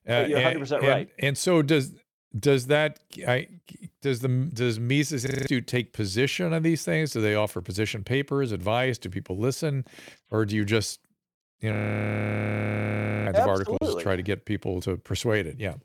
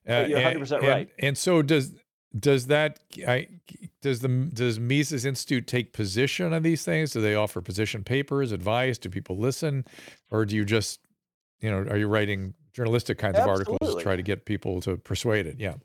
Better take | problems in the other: second | audio freezing; at 5.5 s and at 12 s for 1.5 s

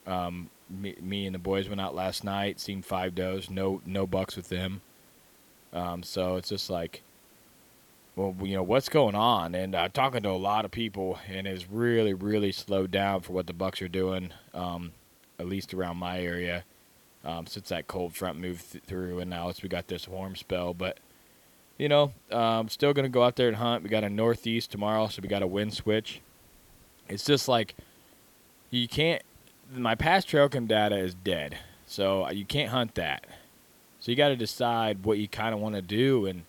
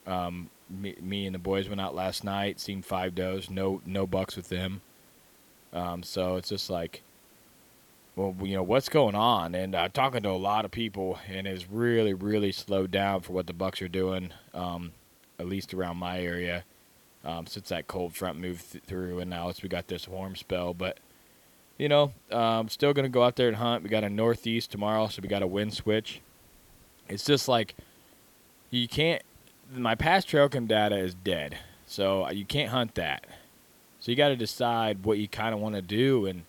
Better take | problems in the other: neither | hiss; faint; throughout; 30 dB below the speech; the same in both

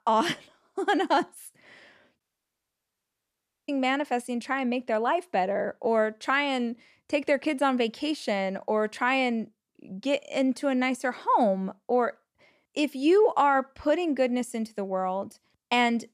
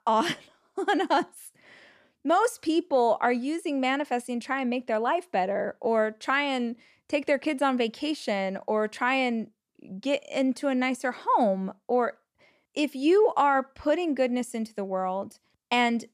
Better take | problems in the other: second | audio cutting out; at 2 s for 1.5 s

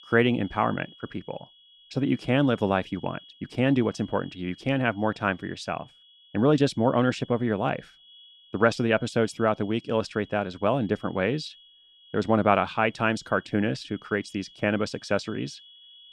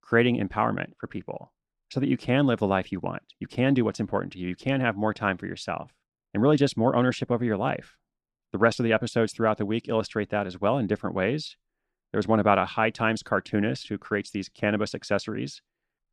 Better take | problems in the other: second | high-pitched whine; faint; throughout; 3.5 kHz, 25 dB below the speech

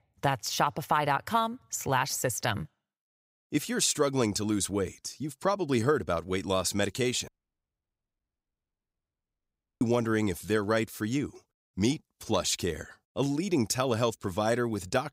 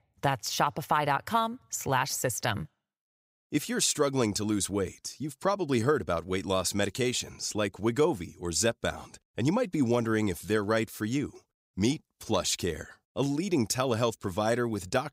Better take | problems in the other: second | audio cutting out; at 7.5 s for 2.5 s

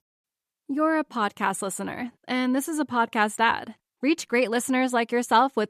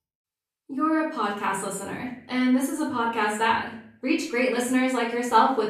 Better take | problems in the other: first | off-mic speech; far // room echo; noticeable; dies away in 0.5 s

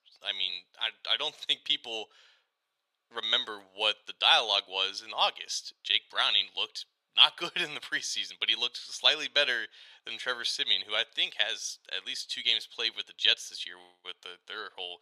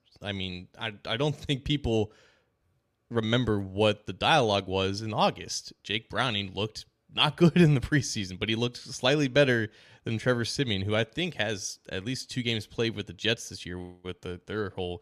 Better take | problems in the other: second | thin; very; fading below 950 Hz

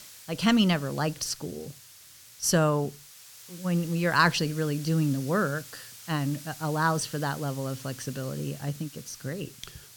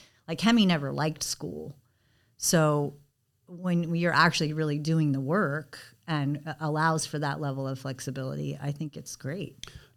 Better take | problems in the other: second | hiss; noticeable; throughout; 15 dB below the speech

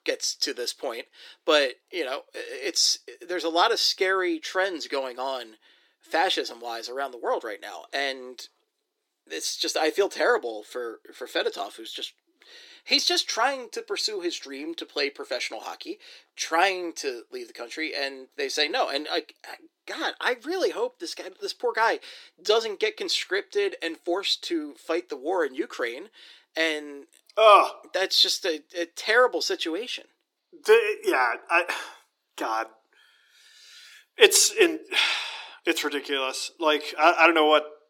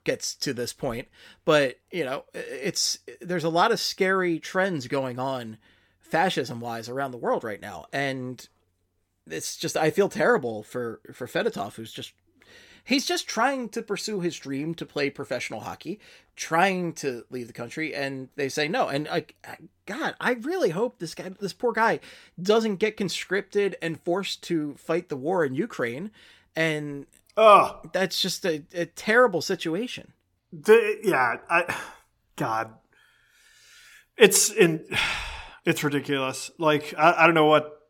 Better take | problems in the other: second | thin; somewhat; fading below 300 Hz

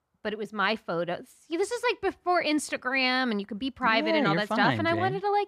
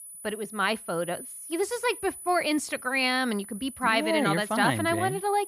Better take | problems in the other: first | high-pitched whine; noticeable; throughout; 10 kHz, 15 dB below the speech

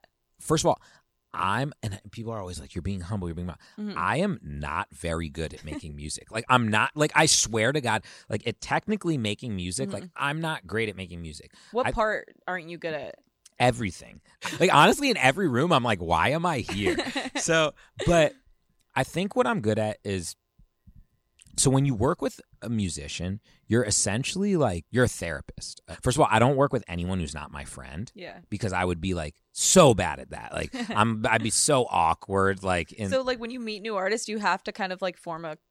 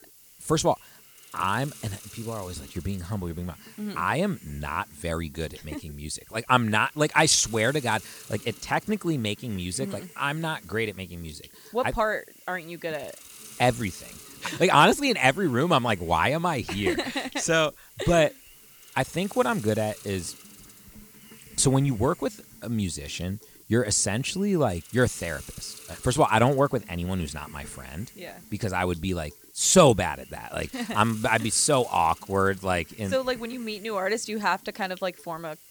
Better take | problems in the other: first | hiss; faint; throughout; 20 dB below the speech

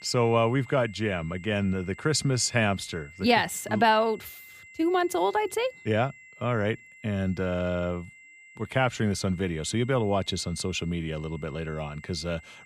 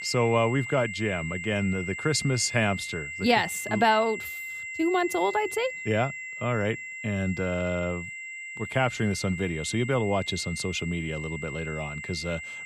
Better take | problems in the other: first | high-pitched whine; loud; throughout; 2 kHz, 8 dB below the speech; faint in the first

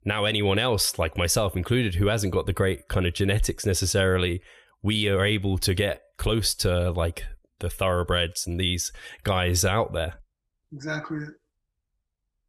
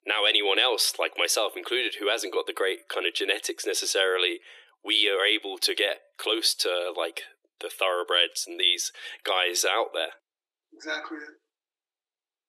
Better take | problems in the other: first | thin; very; fading below 350 Hz

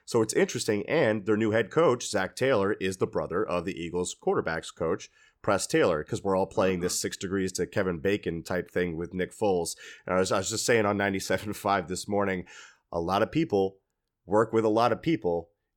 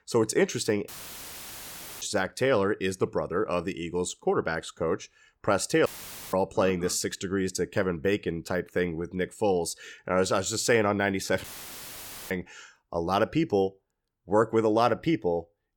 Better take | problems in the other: first | audio cutting out; filled with static; at 1 s for 1 s, at 6 s and at 11 s for 1 s

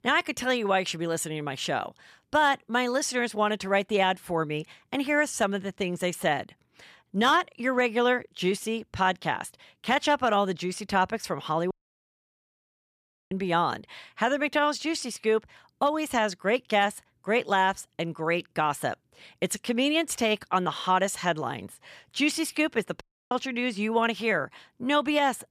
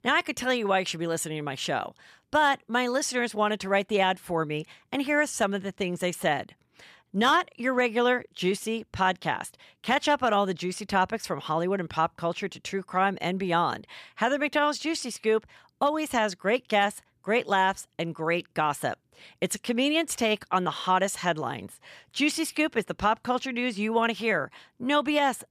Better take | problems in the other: second | audio cutting out; at 12 s for 1.5 s and at 23 s

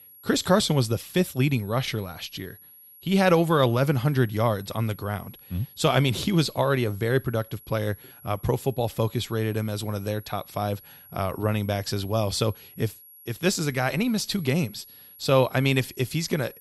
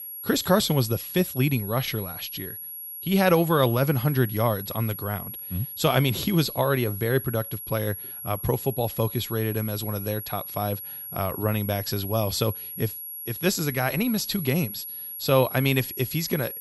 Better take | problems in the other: first | high-pitched whine; loud; throughout; 11.5 kHz, 8 dB below the speech; faint in the first

